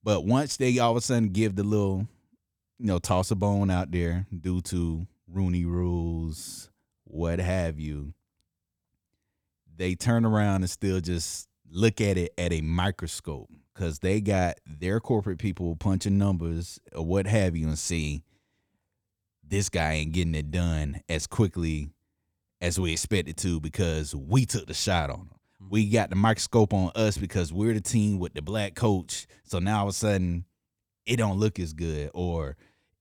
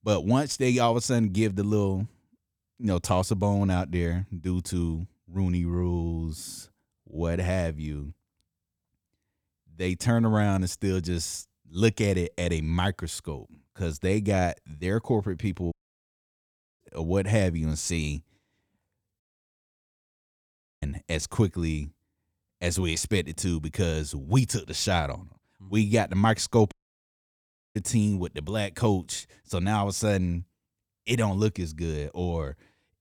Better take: first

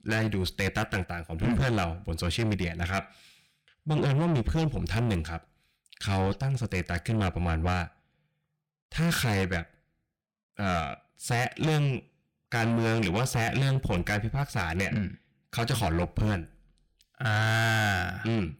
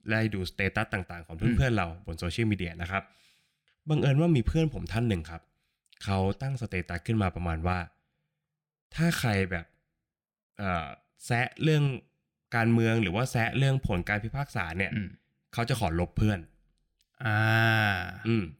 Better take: second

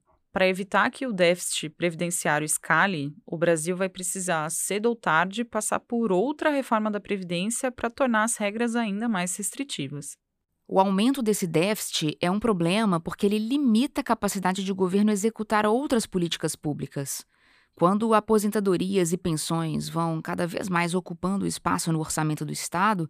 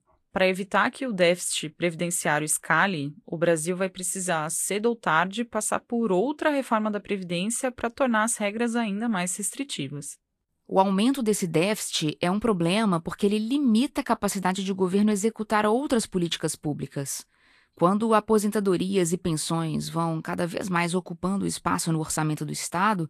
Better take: first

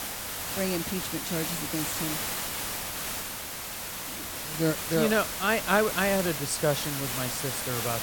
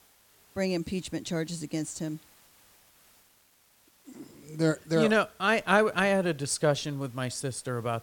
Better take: second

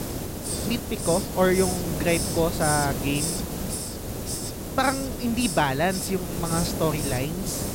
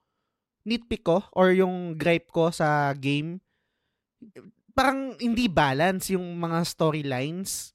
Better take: second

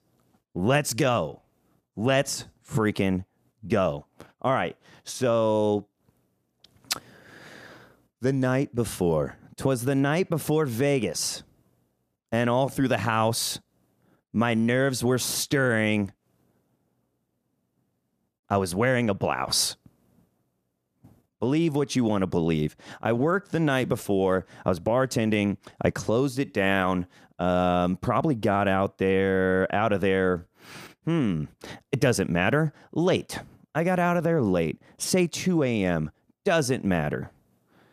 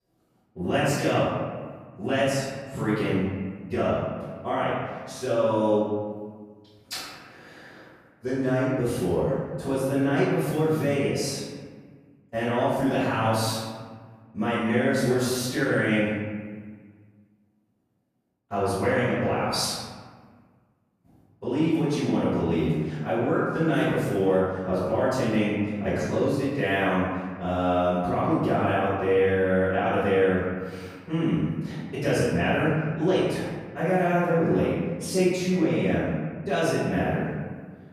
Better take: first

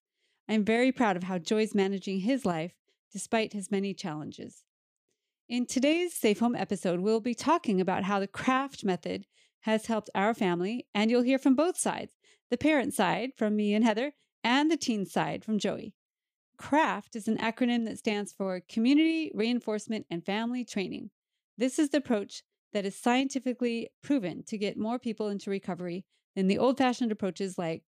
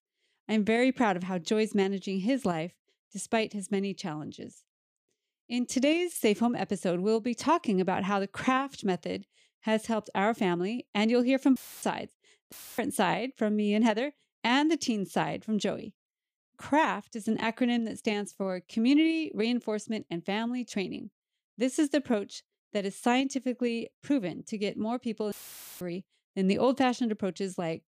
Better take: first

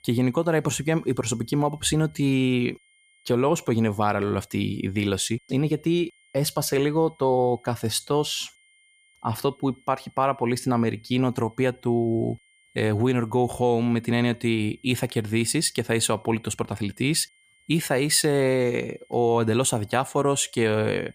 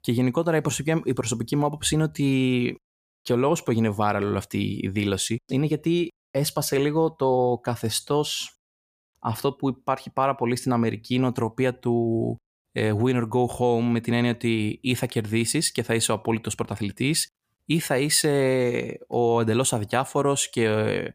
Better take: second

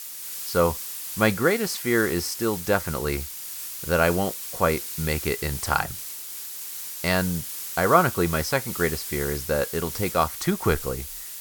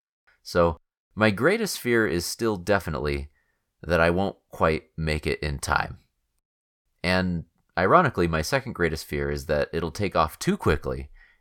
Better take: second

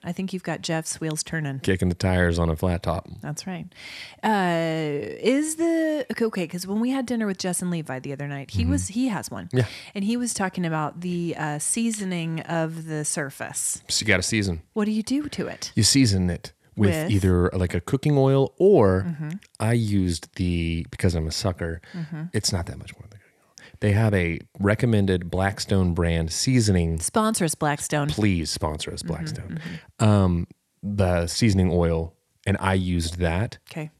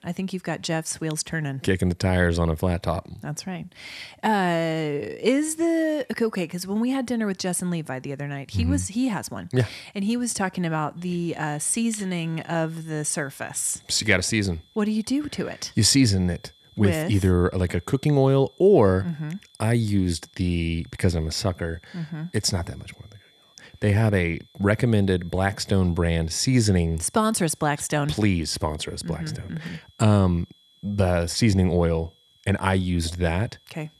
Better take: first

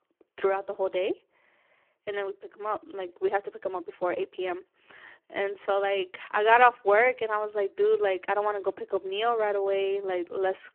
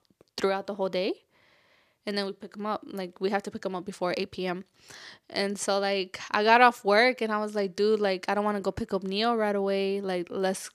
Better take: second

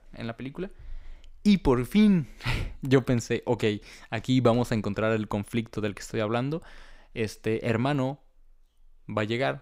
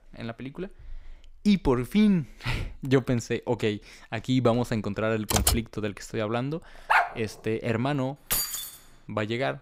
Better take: first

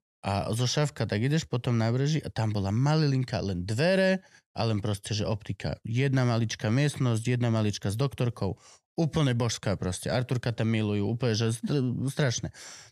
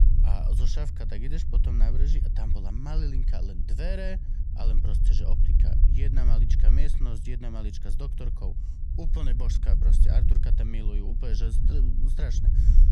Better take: first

